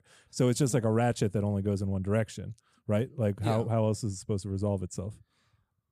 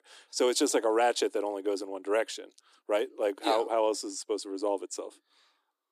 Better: first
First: none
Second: thin; very; fading below 300 Hz

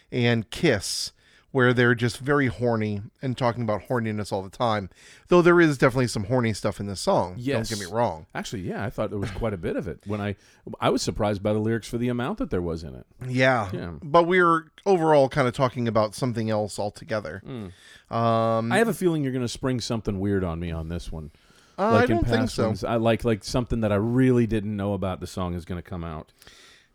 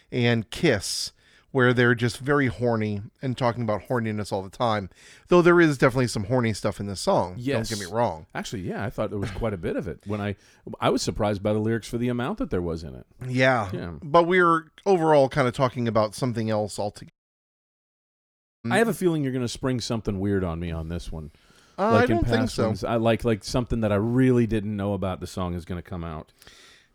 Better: first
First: none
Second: audio cutting out; at 17 s for 1.5 s

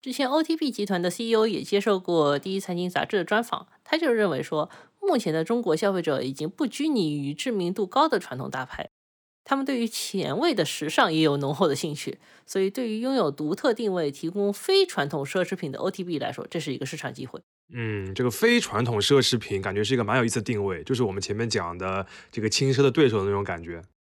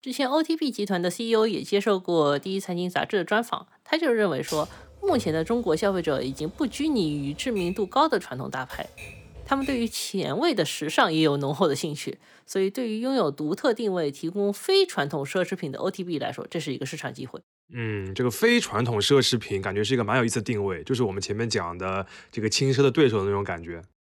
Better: first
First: none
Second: keyboard typing; faint; from 4.5 to 10 s; peak 10 dB below the speech

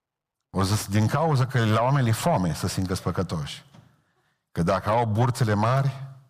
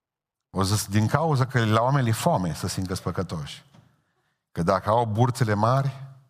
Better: second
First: distortion; slight; 10 dB below the speech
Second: none

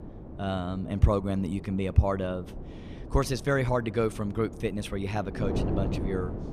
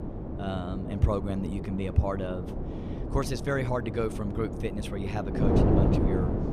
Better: first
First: wind noise on the microphone; occasional gusts; 10 dB below the speech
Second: wind noise on the microphone; heavy; 1 dB below the speech

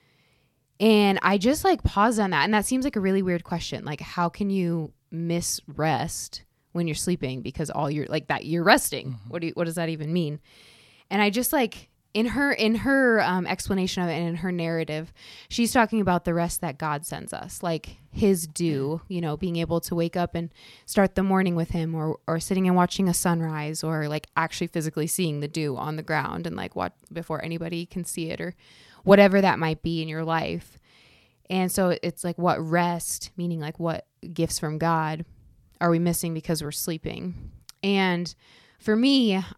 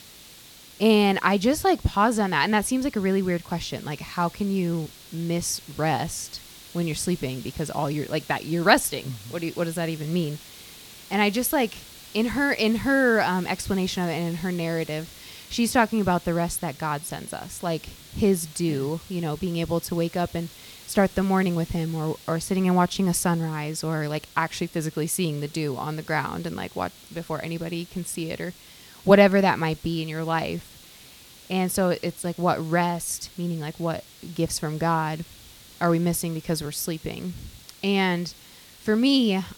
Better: first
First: none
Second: hiss; noticeable; throughout; 20 dB below the speech

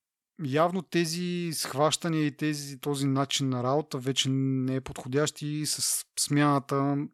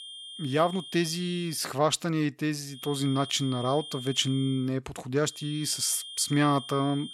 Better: first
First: none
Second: high-pitched whine; noticeable; until 1.5 s, from 3 to 4.5 s and from 5.5 s on; 3 kHz, 10 dB below the speech

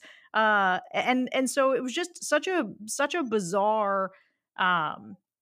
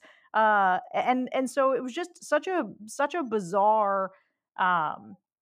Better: first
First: none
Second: muffled; slightly; fading above 2 kHz

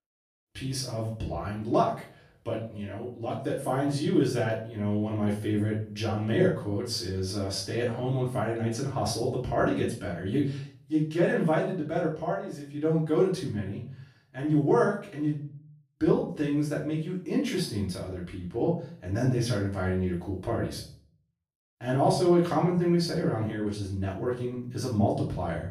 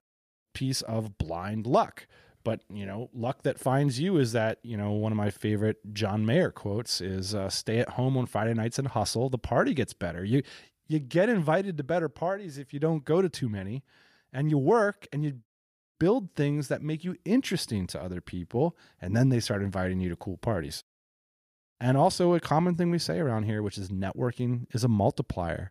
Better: second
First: off-mic speech; far // room echo; noticeable; dies away in 0.4 s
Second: none

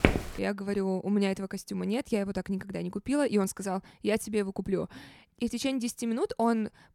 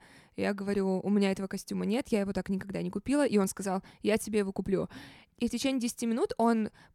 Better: second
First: footsteps; loud; at the start; peak 4 dB above the speech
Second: none

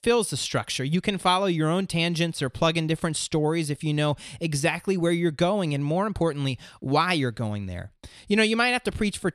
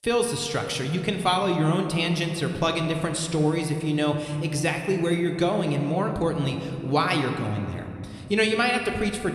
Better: first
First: none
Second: room echo; slight; dies away in 1.9 s

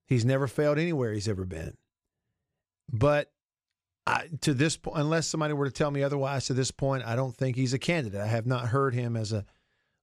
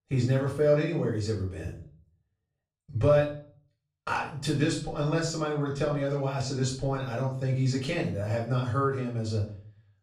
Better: first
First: none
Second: off-mic speech; far // room echo; slight; dies away in 0.4 s

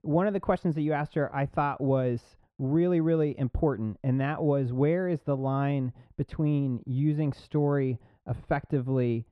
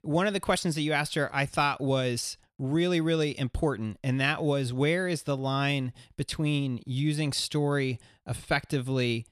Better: second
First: muffled; very; fading above 2.5 kHz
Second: none

